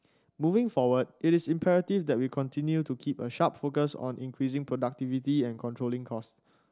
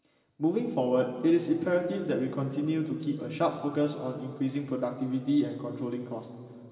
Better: first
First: none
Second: room echo; dies away in 2.5 s

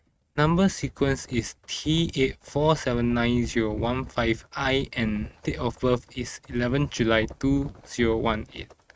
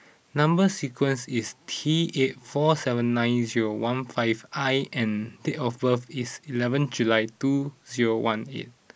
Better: second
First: noise reduction (neural mask model RNNoise)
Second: none

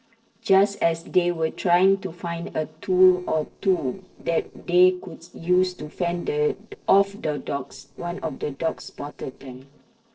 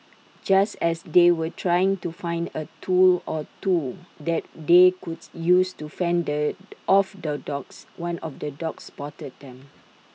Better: second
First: noise reduction (neural separator model SepFormer DNS4)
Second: none

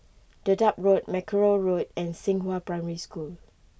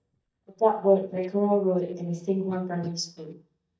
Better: first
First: none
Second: noise reduction (neural mask model DeepFilterNet 3)

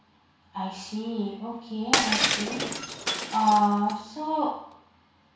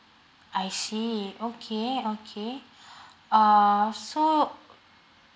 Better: second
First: background sound (Shatter); 1 dB below the speech // room echo; dies away in 0.6 s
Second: none

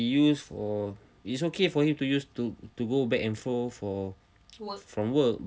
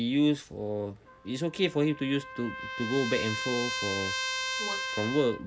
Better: first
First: none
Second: background sound (Trumpet); 6 dB below the speech

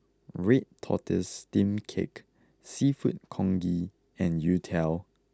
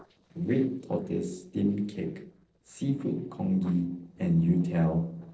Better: first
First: none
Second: noise reduction (neural separator model SepFormer DNS4)

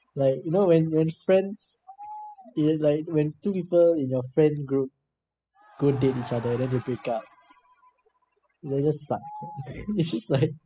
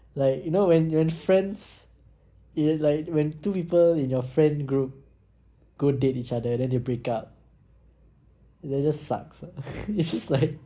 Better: second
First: noise reduction (classical method spectral subtraction)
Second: none

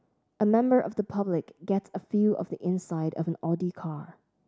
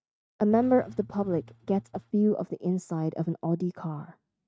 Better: first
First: none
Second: noise reduction (neural mask model RNNoise)

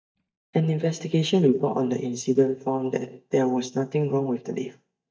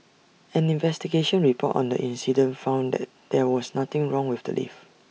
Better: second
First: noise reduction (neural mask model DeepFilterNet 3)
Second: none

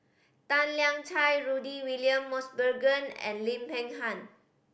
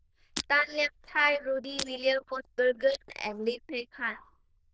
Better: first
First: none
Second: noise reduction (neural diffusion model UNIVERSE++)

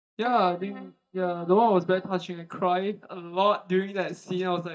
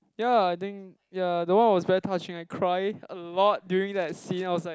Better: second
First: noise reduction (neural mask model DeepFilterNet 3)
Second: none

